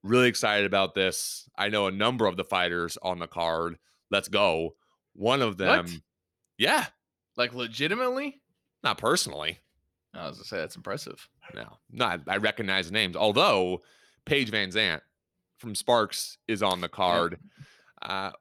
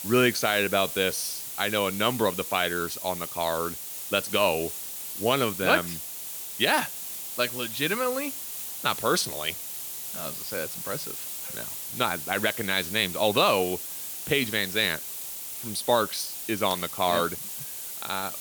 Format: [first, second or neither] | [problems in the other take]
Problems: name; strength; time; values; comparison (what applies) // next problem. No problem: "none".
first | hiss; loud; throughout; 6 dB below the speech